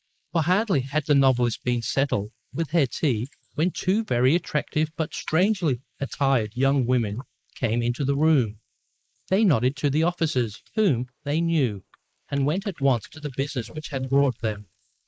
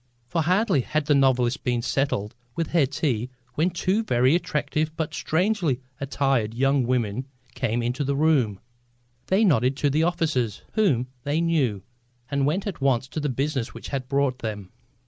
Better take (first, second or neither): second